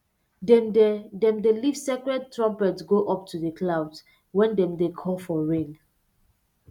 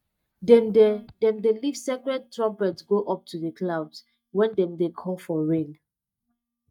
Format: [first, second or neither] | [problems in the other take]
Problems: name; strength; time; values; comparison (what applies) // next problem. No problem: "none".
first | noise reduction (neural mask model DeepFilterNet 3)